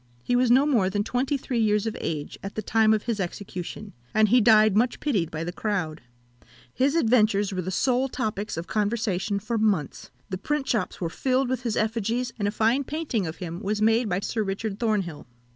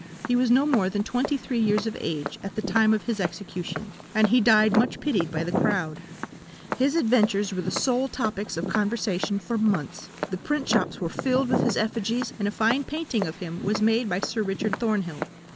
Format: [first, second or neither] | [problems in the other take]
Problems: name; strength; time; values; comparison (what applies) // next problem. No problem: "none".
first | background sound (Walk, footsteps); 8 dB below the speech